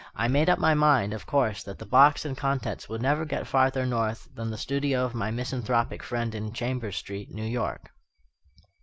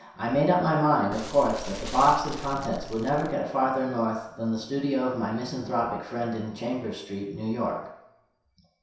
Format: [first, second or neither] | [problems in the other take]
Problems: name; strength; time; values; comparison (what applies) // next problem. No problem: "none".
first | background sound (Fire); 11 dB below the speech // room echo; dies away in 0.7 s